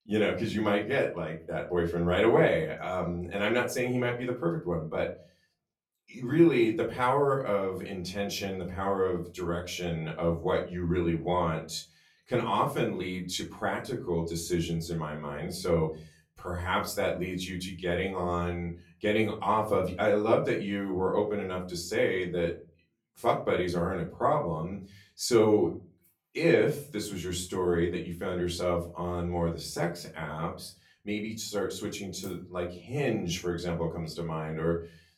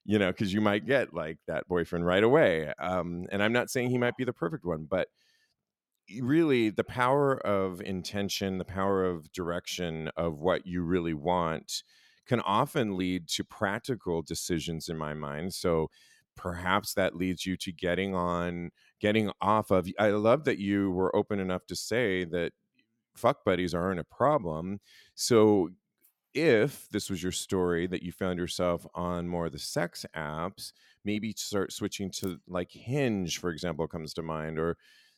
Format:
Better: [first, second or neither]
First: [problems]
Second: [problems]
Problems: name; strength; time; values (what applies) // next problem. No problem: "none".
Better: second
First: off-mic speech; far // room echo; very slight; dies away in 0.3 s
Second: none